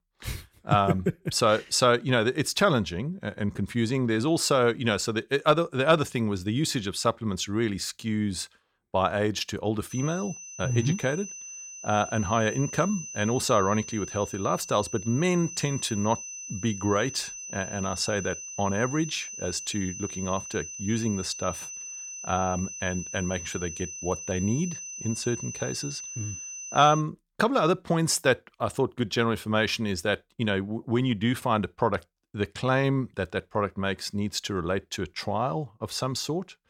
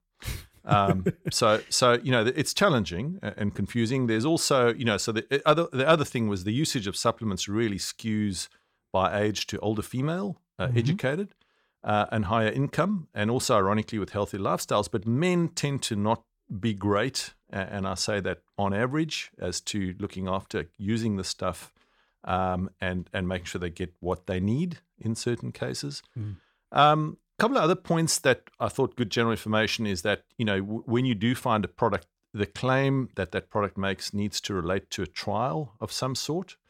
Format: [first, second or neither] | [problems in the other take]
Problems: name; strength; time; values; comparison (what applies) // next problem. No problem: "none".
second | high-pitched whine; loud; from 10 to 27 s; 6 kHz, 9 dB below the speech